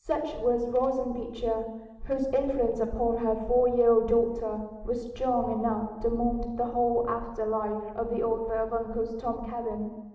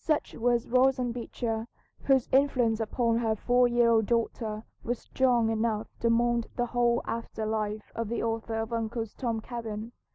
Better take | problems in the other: second | room echo; dies away in 1.2 s

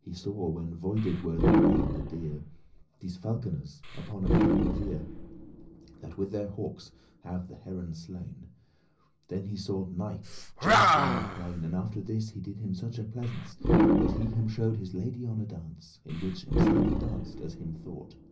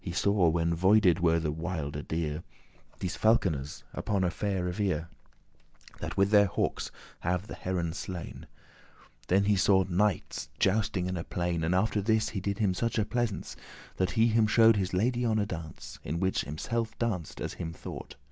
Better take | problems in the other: second | background sound (Animal); 4 dB above the speech // room echo; dies away in 0.5 s

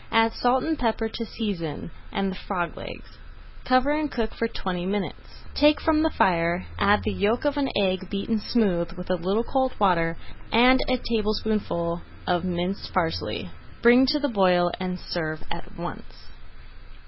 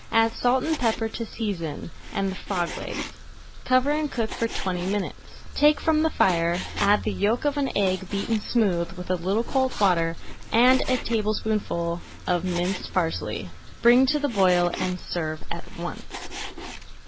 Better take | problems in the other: first | background sound (Frying (food)); 15 dB below the speech

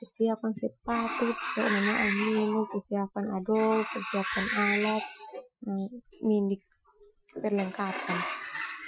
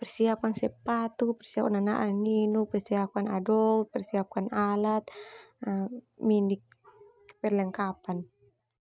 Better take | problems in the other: second | noise reduction (classical method Wiener filter)

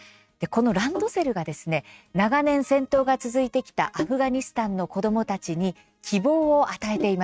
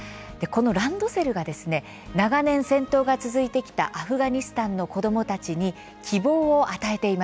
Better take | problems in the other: second | noise reduction (neural mask model RNNoise)

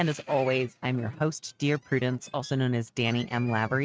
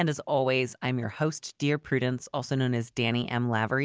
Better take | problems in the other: second | noise reduction (neural mask model RNNoise)

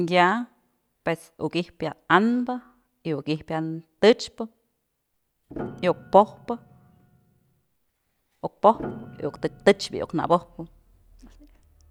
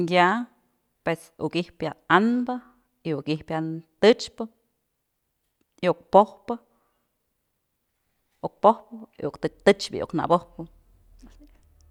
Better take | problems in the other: second | background sound (Piano); 17 dB below the speech

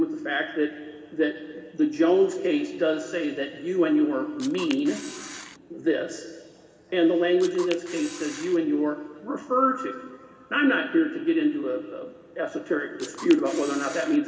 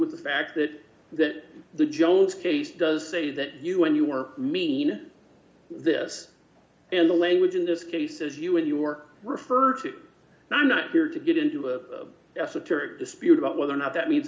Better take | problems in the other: second | background sound (Camera); 14 dB below the speech // room echo; dies away in 2.5 s

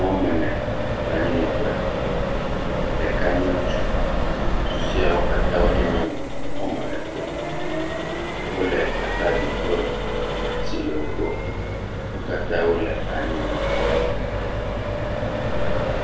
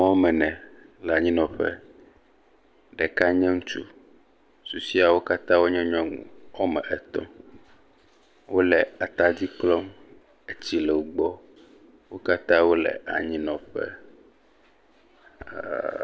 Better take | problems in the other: second | background sound (Accelerating, revving, vroom); 3 dB above the speech // room echo; dies away in 0.4 s

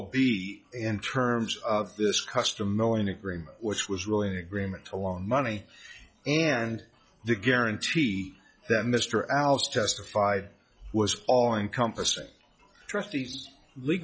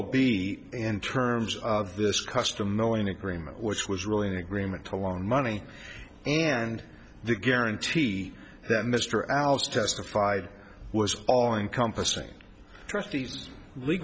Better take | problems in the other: second | noise reduction (classical method log-MMSE)

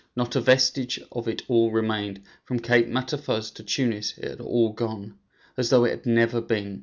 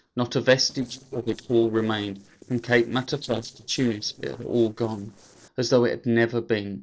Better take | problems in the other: first | noise reduction (neural separator model SepFormer DNS4)

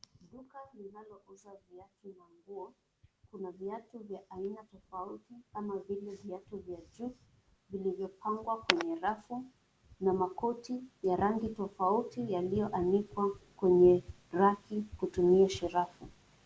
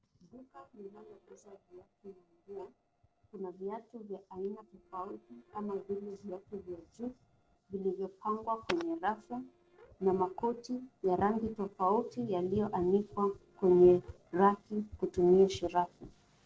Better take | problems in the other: first | noise reduction (neural separator model SepFormer DNS4)

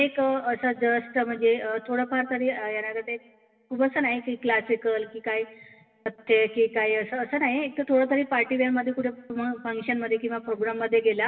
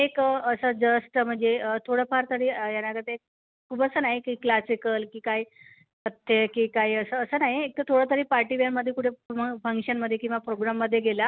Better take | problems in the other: second | room echo; dies away in 2.8 s

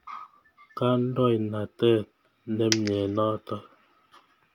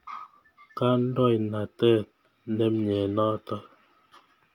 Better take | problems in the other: second | background sound (Coin (dropping)); 6 dB below the speech

